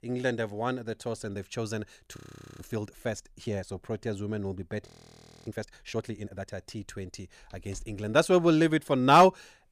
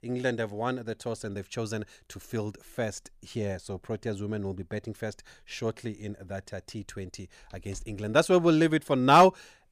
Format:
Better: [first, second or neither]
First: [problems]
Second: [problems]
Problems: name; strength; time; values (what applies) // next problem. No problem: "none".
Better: second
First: audio freezing; at 2 s and at 5 s for 0.5 s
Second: none